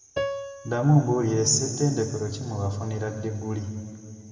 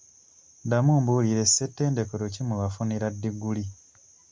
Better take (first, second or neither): second